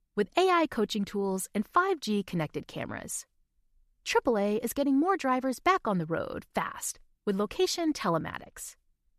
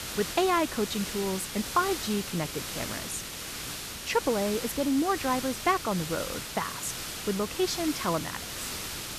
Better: first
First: none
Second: hiss; loud; throughout; 5 dB below the speech

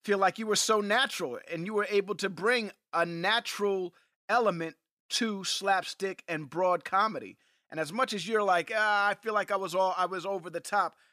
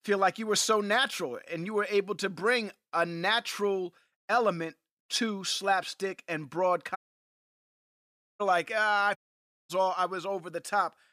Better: first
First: none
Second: audio cutting out; at 7 s for 1.5 s and at 9 s for 0.5 s

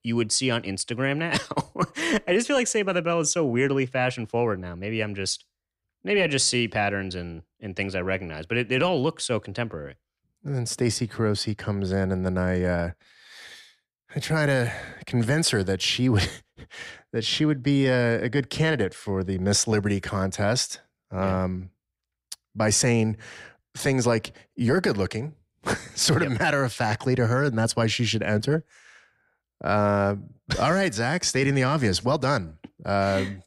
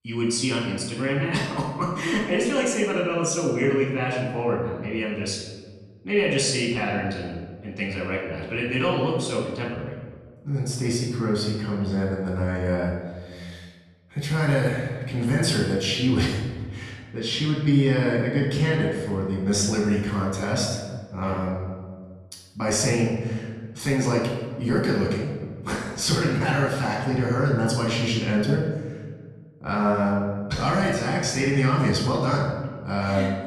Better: first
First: none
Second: off-mic speech; far // room echo; noticeable; dies away in 1.3 s

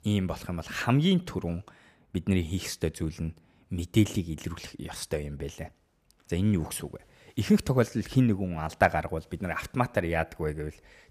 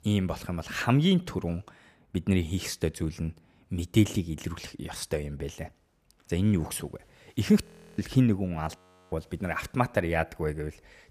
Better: first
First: none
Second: audio freezing; at 7.5 s and at 9 s

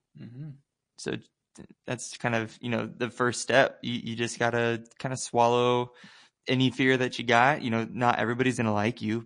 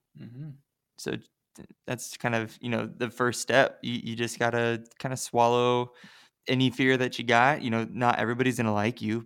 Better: second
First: garbled, watery; slightly; nothing above 9 kHz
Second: none

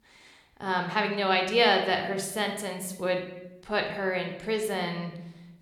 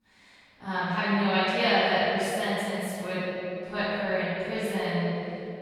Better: first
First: room echo; slight; dies away in 0.7 s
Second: room echo; strong; dies away in 2.8 s // off-mic speech; far

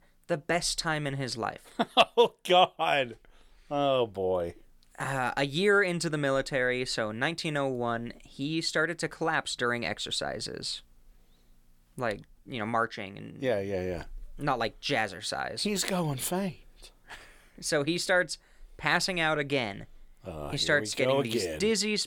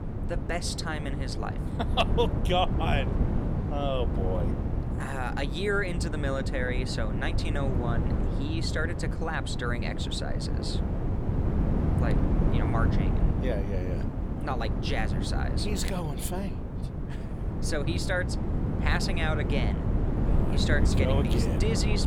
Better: first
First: none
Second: wind noise on the microphone; heavy; 5 dB below the speech

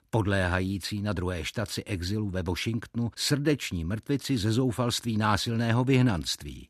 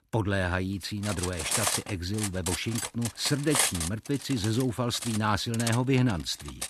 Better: first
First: none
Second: clattering dishes; loud; from 1 s on; peak 4 dB above the speech

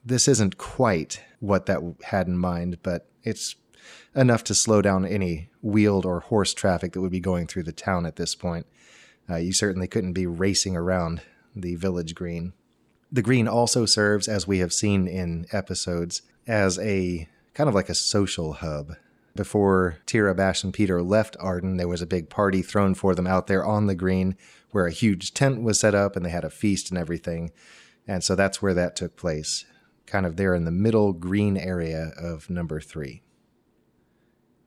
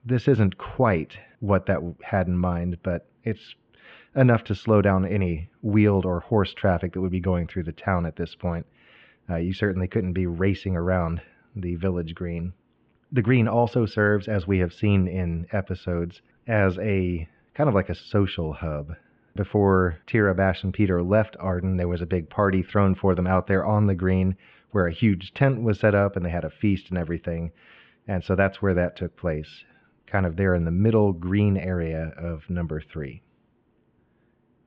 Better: first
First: none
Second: muffled; very; fading above 3 kHz

